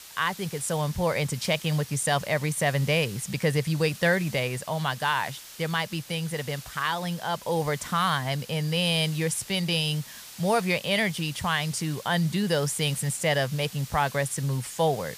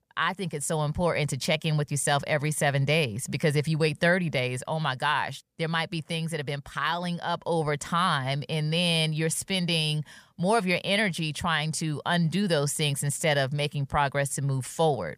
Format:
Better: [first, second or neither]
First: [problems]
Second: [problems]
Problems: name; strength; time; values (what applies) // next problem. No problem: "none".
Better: second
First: hiss; noticeable; throughout; 15 dB below the speech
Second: none